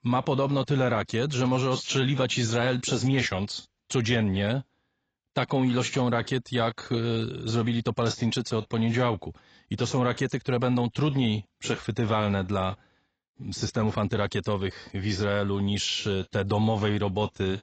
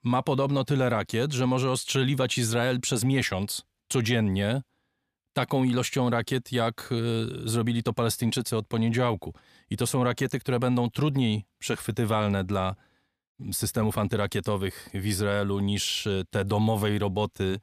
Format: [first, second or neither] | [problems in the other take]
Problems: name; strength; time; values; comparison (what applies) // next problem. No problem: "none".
second | garbled, watery; badly; nothing above 7.5 kHz